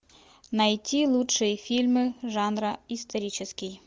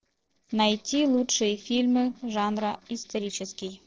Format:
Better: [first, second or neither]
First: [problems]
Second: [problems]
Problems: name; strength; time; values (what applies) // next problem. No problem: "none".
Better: first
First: none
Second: noise reduction (neural separator model SepFormer DNS4)